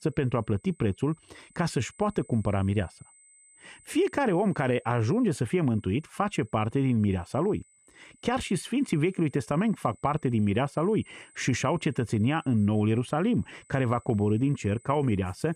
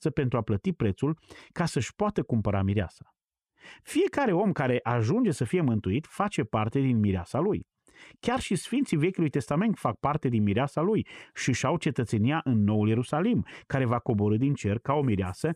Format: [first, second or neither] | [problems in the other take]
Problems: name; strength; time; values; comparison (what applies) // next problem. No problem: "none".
second | high-pitched whine; faint; throughout; 8 kHz, 30 dB below the speech